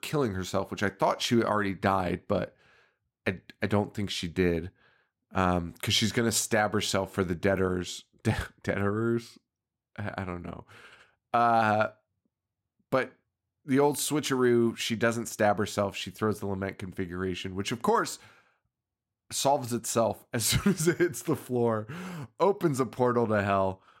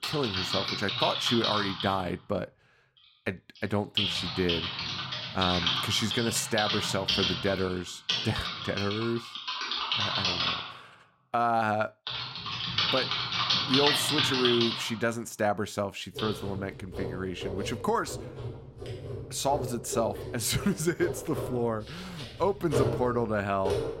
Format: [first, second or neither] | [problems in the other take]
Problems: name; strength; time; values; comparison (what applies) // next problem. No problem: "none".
first | household noises; very loud; throughout; as loud as the speech